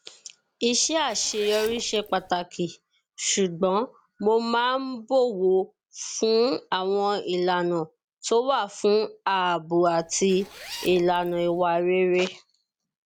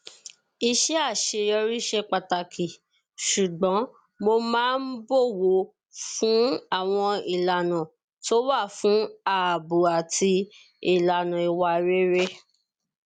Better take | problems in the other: second | background sound (Zipper (clothing)); 18 dB below the speech

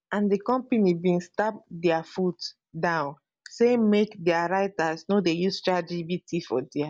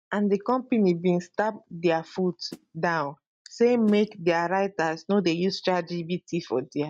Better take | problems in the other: first | noise reduction (neural mask model RNNoise)

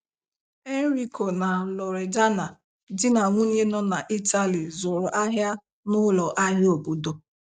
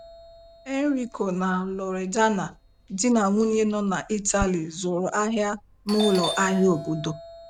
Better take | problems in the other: first | background sound (Doorbell); 14 dB below the speech

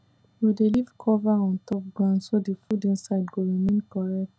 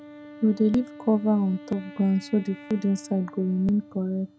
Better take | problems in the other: first | background sound (Wind instrument, woodwind instrument); 19 dB below the speech

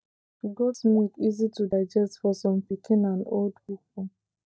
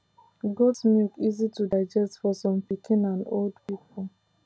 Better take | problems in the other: second | noise reduction (neural mask model DeepFilterNet 3)

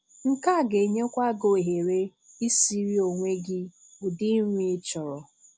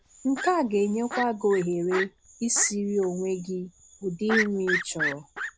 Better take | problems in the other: first | background sound (Fowl); 7 dB below the speech

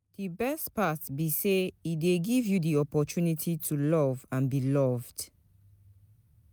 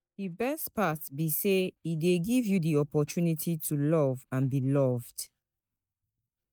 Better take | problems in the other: first | noise reduction (neural mask model DeepFilterNet 3)

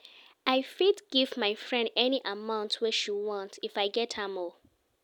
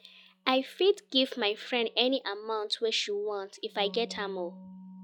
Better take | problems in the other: first | noise reduction (classical method log-MMSE)

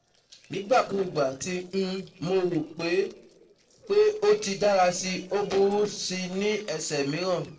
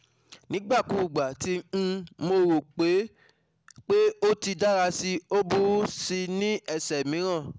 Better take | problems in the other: second | noise reduction (neural separator model SepFormer DNS4)

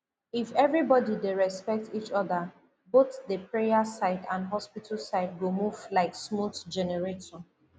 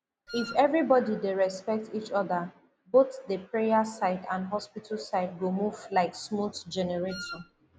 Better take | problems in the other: first | background sound (Wind instrument, woodwind instrument); 13 dB below the speech

